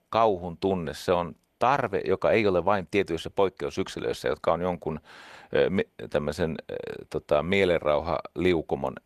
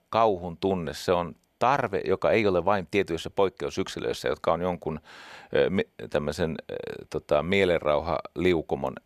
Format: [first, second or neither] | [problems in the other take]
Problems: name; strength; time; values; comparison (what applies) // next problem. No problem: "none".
second | garbled, watery; slightly; nothing above 13.5 kHz